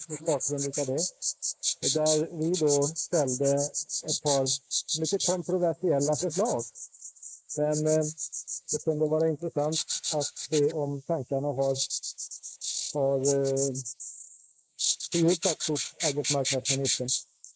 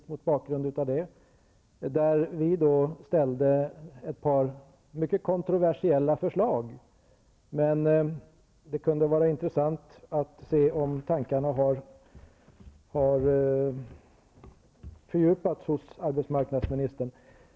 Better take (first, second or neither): second